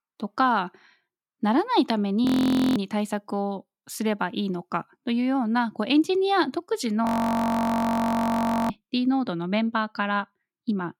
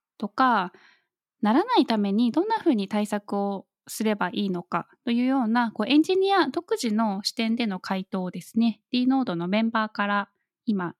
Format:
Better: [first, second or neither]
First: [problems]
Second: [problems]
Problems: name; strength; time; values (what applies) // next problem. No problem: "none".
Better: second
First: audio freezing; at 2.5 s for 0.5 s and at 7 s for 1.5 s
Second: none